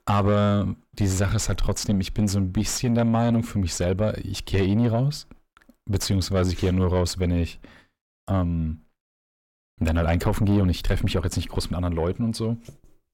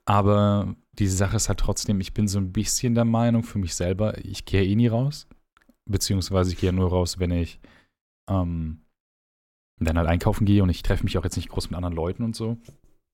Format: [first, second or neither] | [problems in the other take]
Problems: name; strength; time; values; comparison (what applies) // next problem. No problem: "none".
second | distortion; slight; 10 dB below the speech